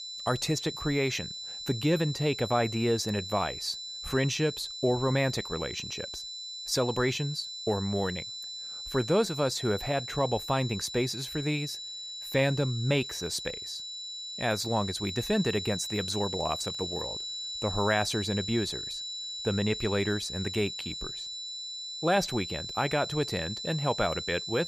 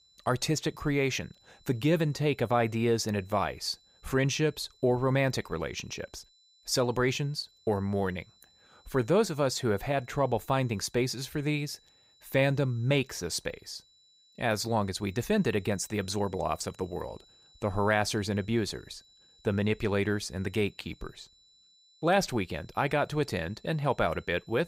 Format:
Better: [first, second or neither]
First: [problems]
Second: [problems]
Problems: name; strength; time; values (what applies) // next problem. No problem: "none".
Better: second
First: high-pitched whine; loud; throughout; 4 kHz, 6 dB below the speech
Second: high-pitched whine; faint; throughout; 4 kHz, 30 dB below the speech